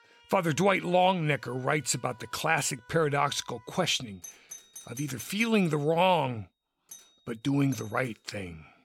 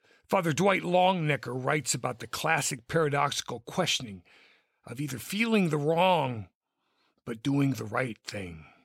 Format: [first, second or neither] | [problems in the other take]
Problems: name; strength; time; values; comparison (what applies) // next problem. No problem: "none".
second | alarms or sirens; faint; throughout; 20 dB below the speech